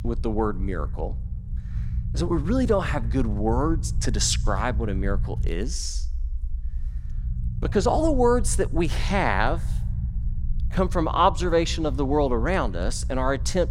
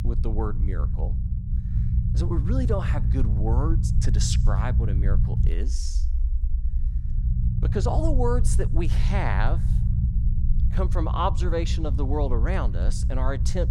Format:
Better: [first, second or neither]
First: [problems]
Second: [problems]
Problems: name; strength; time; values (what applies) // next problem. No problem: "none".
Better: first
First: low rumble; faint; throughout; 20 dB below the speech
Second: low rumble; loud; throughout; 9 dB below the speech